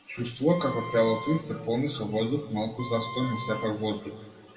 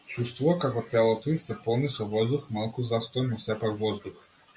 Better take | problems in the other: second | background sound (Wind instrument, woodwind instrument); 12 dB below the speech // room echo; dies away in 1.9 s

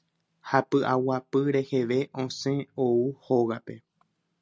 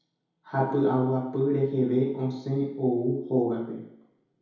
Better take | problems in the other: first | room echo; dies away in 2 s

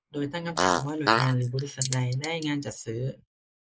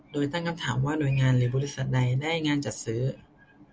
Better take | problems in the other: second | noise reduction (neural mask model Resemble Enhance denoiser)

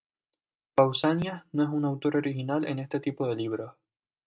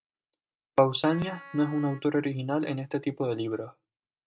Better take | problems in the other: first | background sound (Wind instrument, woodwind instrument); 19 dB below the speech

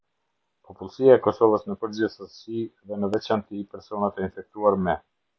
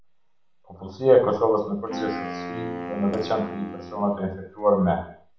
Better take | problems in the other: first | background sound (Wind instrument, woodwind instrument); 11 dB below the speech // room echo; dies away in 0.5 s

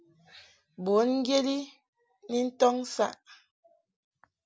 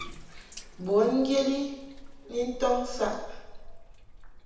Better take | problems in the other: first | background sound (Bathtub (filling or washing)); 12 dB below the speech // room echo; dies away in 0.9 s

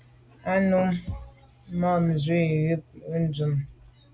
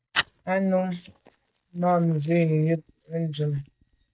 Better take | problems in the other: first | noise reduction (neural mask model DeepFilterNet 3)

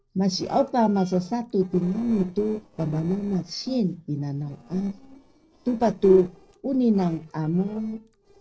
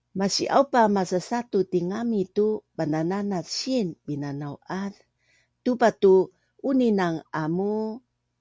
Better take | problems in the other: second | noise reduction (neural separator model SepFormer DNS4)

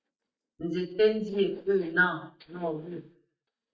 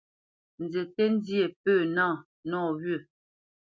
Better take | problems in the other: second | noise reduction (neural mask model DeepFilterNet 3)

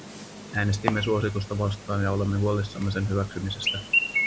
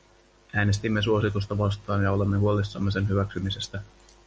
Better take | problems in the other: second | background sound (Chirp, tweet); 5 dB below the speech

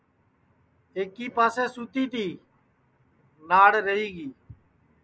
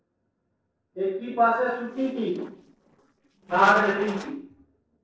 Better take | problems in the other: first | noise reduction (neural separator model SepFormer DNS4)

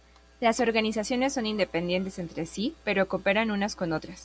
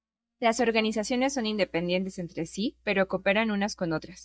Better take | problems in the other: first | noise reduction (neural mask model DeepFilterNet 3)

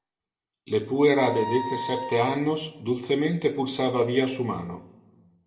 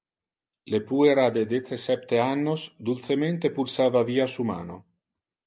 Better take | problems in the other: second | background sound (Wind instrument, woodwind instrument); 7 dB below the speech // room echo; dies away in 0.6 s

